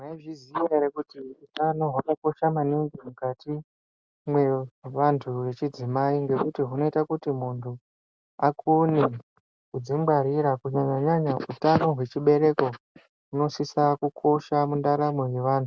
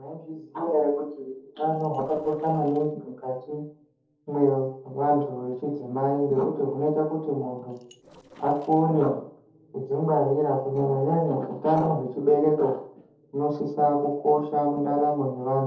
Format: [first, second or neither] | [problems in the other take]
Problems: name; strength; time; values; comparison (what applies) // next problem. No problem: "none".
first | noise reduction (neural separator model SepFormer DNS4)